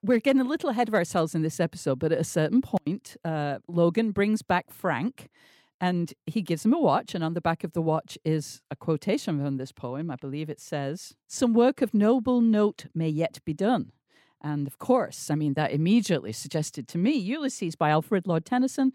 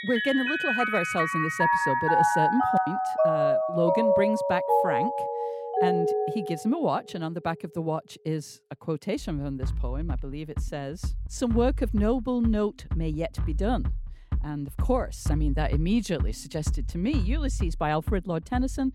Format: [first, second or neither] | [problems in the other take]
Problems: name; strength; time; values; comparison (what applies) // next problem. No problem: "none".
first | background music; very loud; throughout; 2 dB above the speech